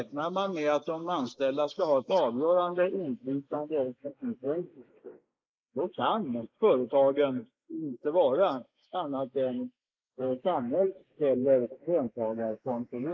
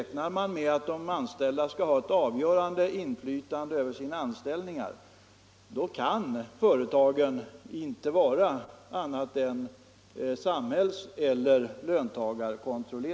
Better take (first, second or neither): second